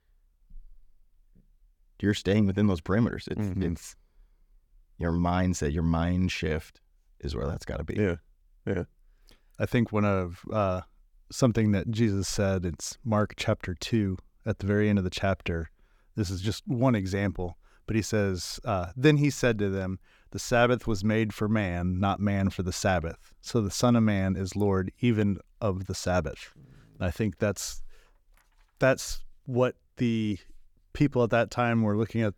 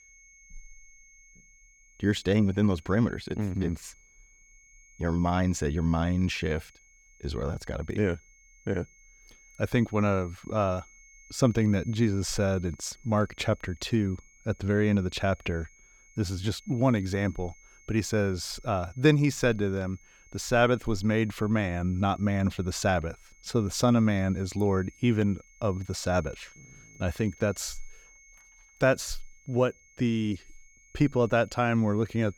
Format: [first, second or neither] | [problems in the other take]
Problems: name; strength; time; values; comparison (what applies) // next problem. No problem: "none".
first | high-pitched whine; faint; throughout; 2 kHz, 30 dB below the speech